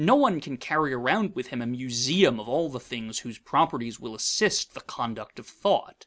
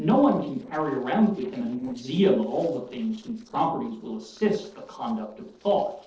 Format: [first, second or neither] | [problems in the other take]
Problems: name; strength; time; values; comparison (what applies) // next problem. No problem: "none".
first | noise reduction (neural separator model SepFormer DNS4)